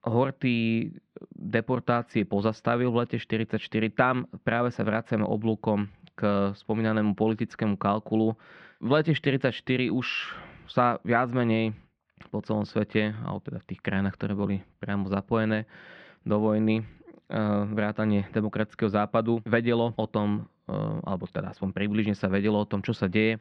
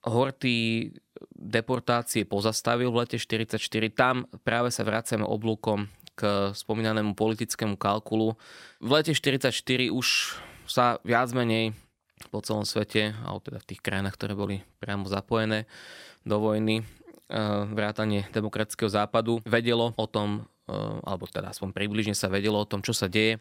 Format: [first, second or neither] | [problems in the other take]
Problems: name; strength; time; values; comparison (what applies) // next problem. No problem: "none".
second | muffled; very; fading above 2.5 kHz